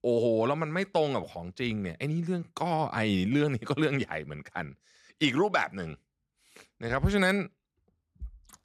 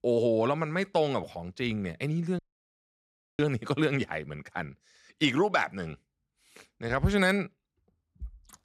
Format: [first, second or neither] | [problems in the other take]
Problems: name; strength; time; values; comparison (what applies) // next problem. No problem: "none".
first | audio cutting out; at 2.5 s for 1 s